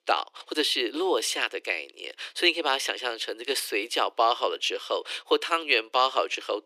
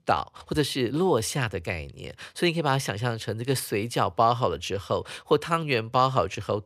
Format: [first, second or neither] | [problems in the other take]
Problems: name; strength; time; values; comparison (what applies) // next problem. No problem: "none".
second | thin; very; fading below 300 Hz